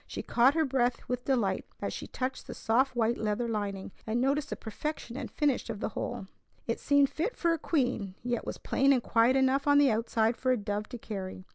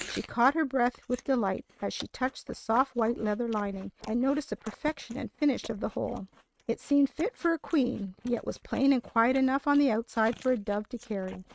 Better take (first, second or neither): first